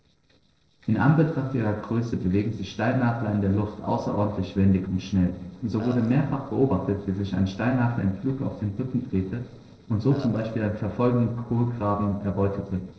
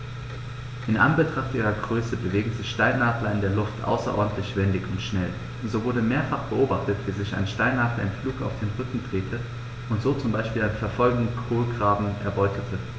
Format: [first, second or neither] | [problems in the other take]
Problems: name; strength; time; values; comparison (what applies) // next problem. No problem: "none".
second | noise reduction (neural separator model SepFormer DNS4)